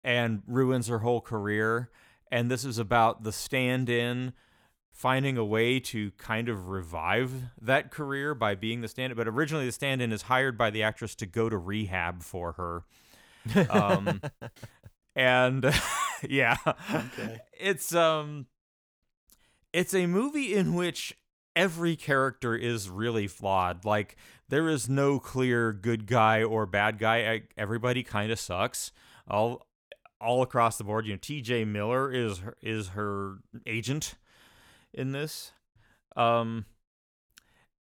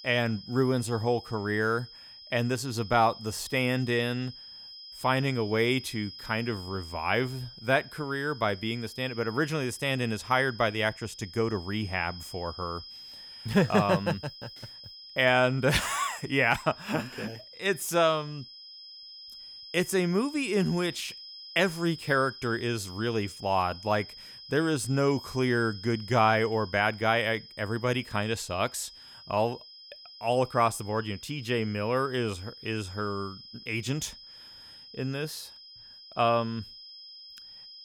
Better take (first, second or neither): first